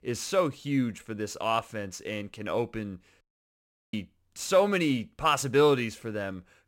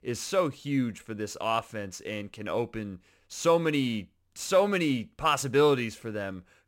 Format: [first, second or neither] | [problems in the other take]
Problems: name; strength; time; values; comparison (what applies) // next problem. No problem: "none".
second | audio cutting out; at 3 s for 0.5 s